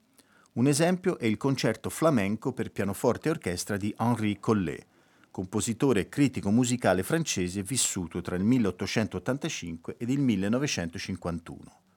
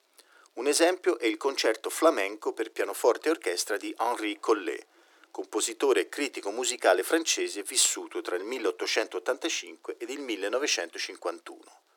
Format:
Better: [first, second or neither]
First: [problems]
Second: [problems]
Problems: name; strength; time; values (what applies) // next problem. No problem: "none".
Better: first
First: none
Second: thin; very; fading below 300 Hz